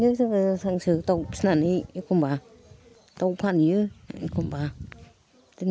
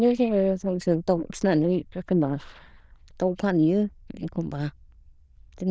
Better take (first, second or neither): first